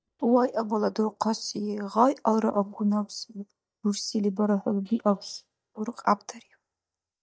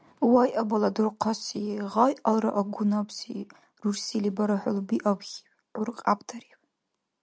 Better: second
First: noise reduction (neural mask model DeepFilterNet 3)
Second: none

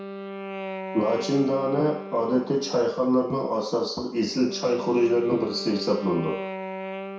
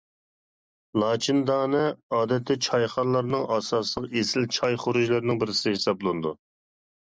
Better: second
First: background sound (Wind instrument, woodwind instrument); 11 dB below the speech // room echo; dies away in 0.6 s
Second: none

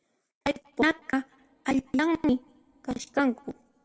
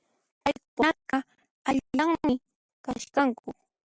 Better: second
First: room echo; dies away in 0.7 s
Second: none

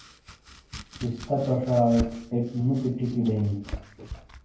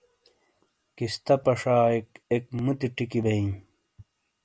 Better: second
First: background sound (Domestic sounds, home sounds); 13 dB below the speech // room echo; dies away in 0.9 s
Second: none

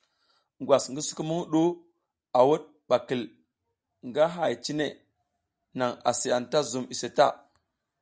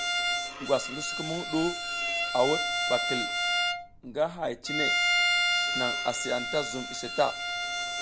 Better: first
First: none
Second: background sound (Bowed string instrument); 2 dB above the speech

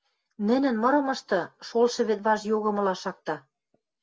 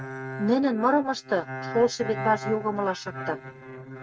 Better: first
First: none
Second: noise reduction (neural mask model RNNoise)

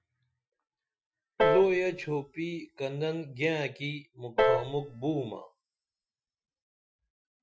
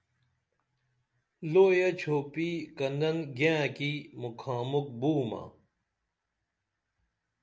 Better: second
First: noise reduction (classical method Wiener filter)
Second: none

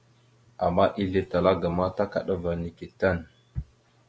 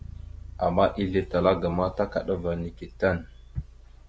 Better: first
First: none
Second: background sound (Bass guitar); 16 dB below the speech

